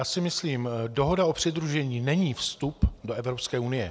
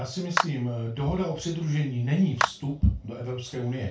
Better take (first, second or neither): first